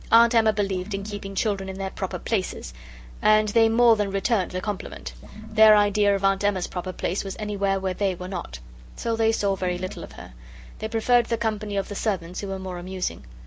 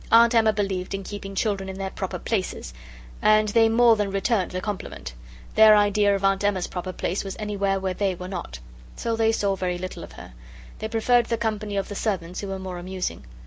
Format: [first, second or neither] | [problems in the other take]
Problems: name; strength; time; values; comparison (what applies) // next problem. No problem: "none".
second | background sound (Sink (filling or washing) / Water); 18 dB below the speech